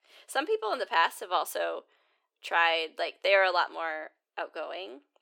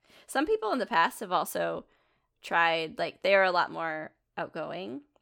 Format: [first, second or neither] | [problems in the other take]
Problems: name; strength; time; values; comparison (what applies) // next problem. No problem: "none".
second | thin; very; fading below 350 Hz